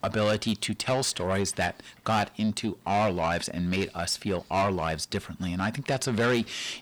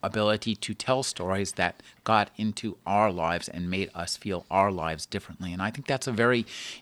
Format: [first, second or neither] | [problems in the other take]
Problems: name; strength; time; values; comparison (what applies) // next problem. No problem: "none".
second | distortion; heavy; 7 dB below the speech